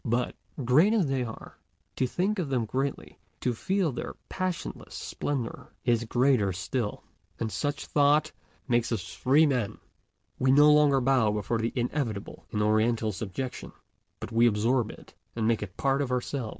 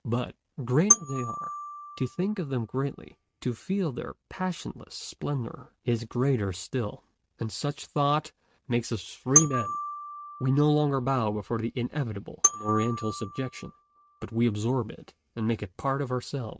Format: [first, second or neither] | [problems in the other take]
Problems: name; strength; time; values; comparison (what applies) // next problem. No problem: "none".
first | noise reduction (neural mask model RNNoise)